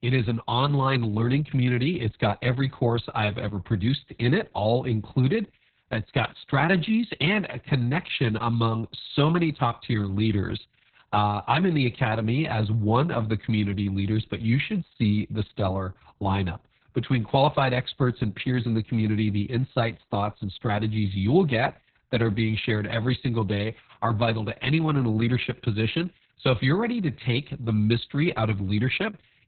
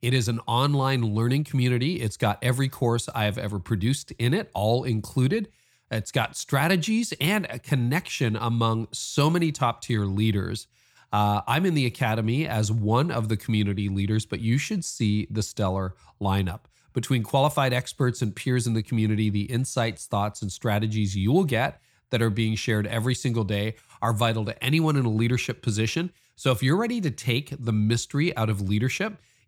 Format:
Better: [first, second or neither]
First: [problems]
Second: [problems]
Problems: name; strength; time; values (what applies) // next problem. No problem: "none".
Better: second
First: garbled, watery; badly; nothing above 4 kHz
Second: none